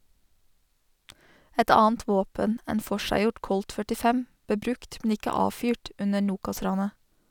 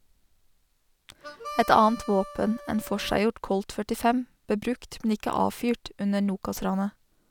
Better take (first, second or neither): first